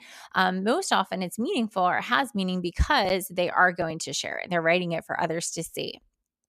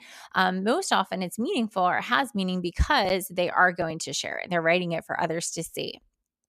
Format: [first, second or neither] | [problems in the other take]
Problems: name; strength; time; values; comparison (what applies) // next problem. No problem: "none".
neither | none